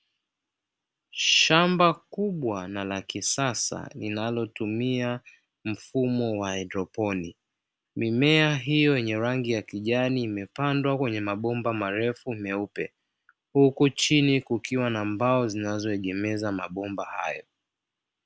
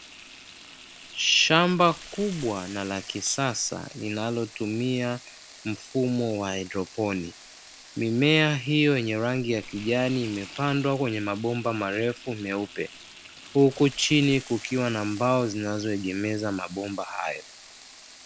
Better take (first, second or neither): first